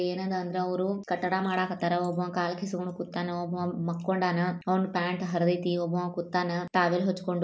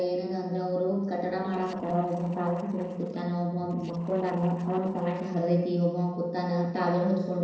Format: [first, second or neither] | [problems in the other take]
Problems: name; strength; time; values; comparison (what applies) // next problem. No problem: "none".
first | noise reduction (neural separator model SepFormer DNS4)